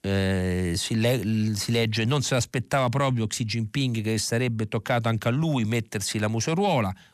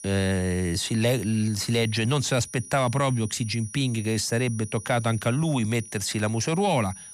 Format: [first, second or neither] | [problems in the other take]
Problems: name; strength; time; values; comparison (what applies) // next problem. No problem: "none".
first | high-pitched whine; noticeable; throughout; 9.5 kHz, 15 dB below the speech